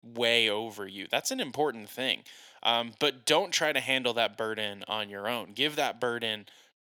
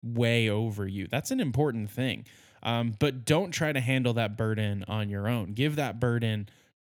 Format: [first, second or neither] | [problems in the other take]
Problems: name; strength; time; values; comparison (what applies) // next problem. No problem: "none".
second | thin; very; fading below 450 Hz